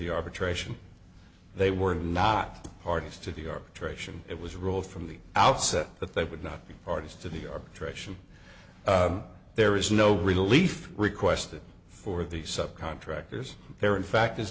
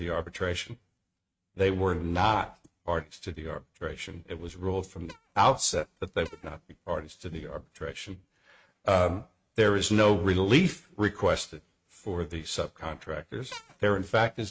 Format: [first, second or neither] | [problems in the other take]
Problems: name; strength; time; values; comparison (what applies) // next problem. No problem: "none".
first | noise reduction (neural mask model RNNoise)